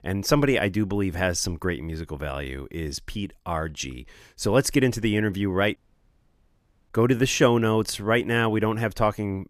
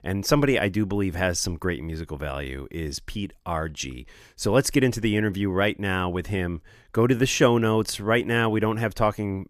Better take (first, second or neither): second